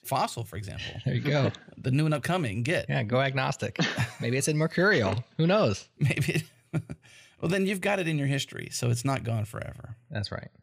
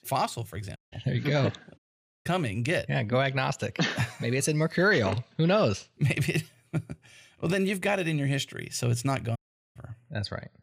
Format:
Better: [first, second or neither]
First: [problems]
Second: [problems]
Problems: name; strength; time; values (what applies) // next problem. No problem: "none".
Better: first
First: none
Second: audio cutting out; at 1 s, at 2 s and at 9.5 s